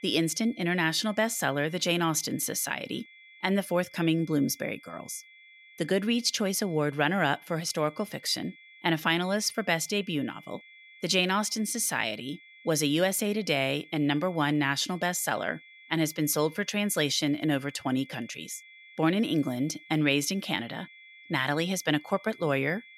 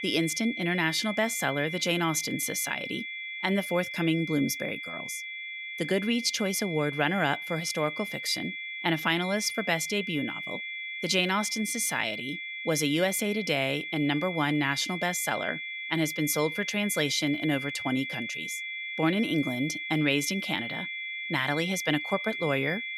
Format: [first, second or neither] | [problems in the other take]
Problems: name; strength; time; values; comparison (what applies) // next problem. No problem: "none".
first | high-pitched whine; loud; throughout; 2 kHz, 6 dB below the speech; faint in the first